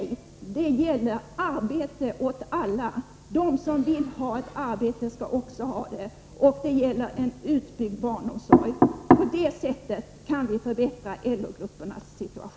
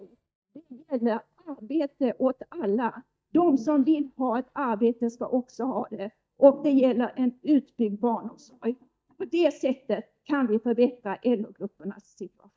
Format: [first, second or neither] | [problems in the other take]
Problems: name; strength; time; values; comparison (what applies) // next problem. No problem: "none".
first | noise reduction (neural mask model DeepFilterNet 3)